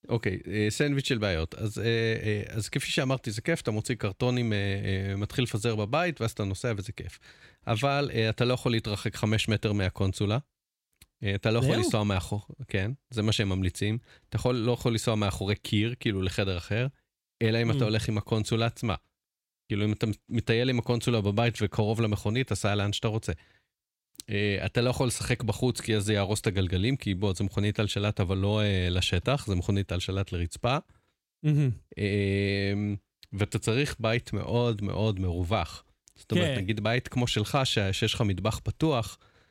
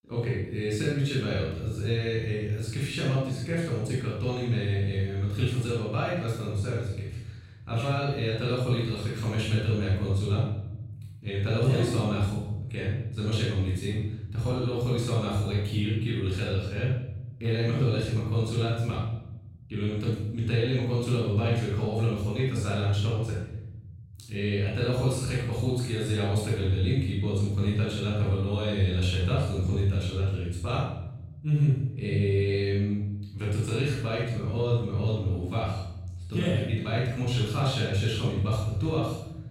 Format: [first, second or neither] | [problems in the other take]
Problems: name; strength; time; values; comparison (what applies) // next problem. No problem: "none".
first | room echo; strong; dies away in 1.2 s // off-mic speech; far